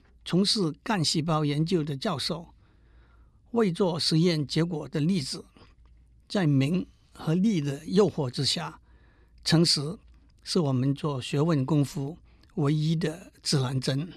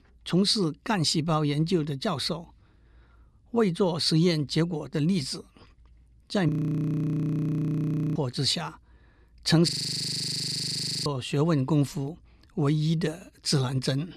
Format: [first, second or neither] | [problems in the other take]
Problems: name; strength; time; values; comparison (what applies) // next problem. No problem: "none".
first | audio freezing; at 6.5 s for 1.5 s and at 9.5 s for 1.5 s